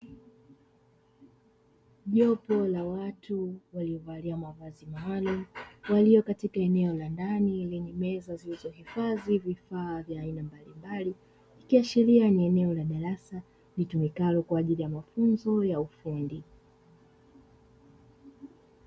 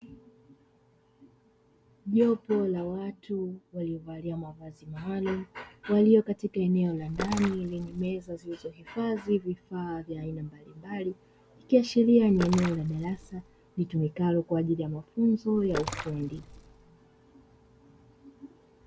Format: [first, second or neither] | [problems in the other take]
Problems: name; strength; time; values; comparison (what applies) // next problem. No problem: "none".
first | background sound (Splash, splatter); 11 dB below the speech